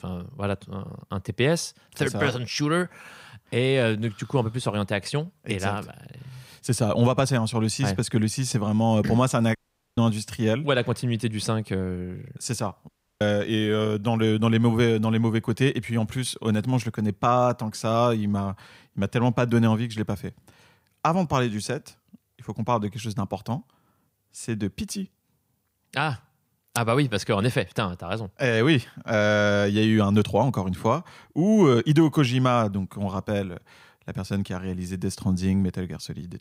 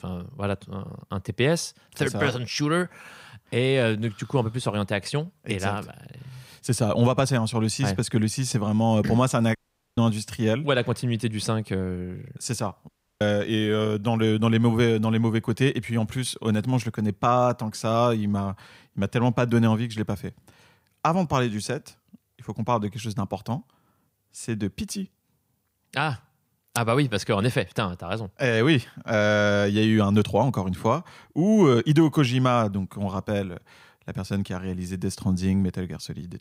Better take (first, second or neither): neither